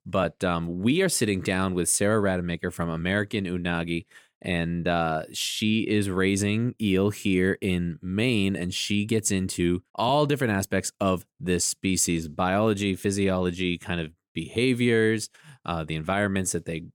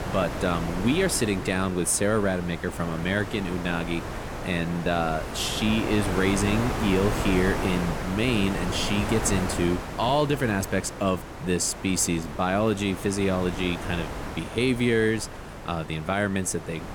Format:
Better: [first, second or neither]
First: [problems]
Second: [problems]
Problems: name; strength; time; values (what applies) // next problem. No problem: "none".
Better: first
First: none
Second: wind noise on the microphone; heavy; 6 dB below the speech